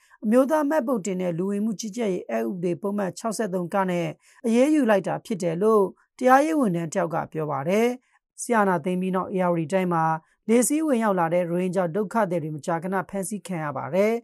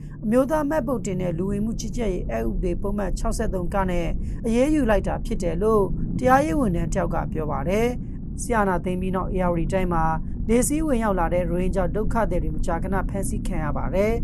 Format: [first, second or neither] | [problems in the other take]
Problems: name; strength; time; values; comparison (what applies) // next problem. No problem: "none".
first | low rumble; noticeable; throughout; 15 dB below the speech